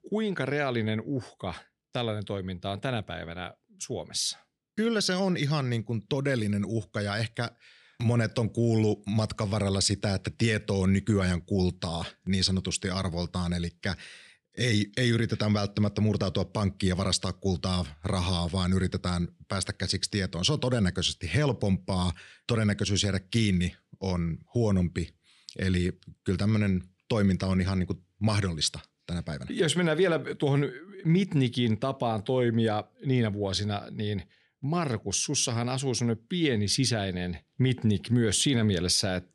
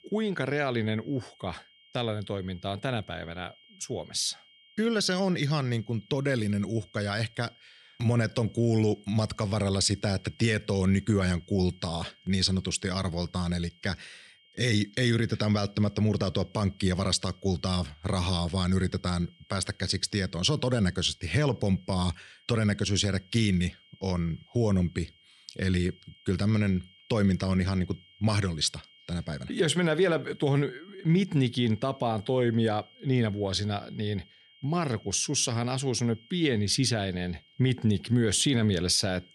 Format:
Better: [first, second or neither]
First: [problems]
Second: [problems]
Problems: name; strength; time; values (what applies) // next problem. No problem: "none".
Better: first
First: none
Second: high-pitched whine; faint; throughout; 3 kHz, 30 dB below the speech